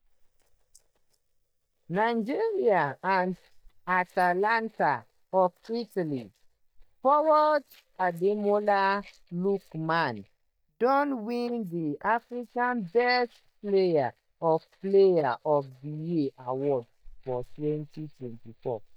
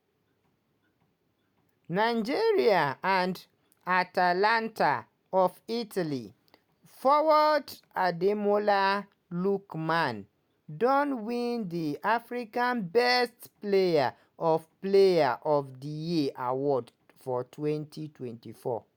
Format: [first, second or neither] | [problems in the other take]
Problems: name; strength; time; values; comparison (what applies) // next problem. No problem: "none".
second | noise reduction (neural mask model DeepFilterNet 3)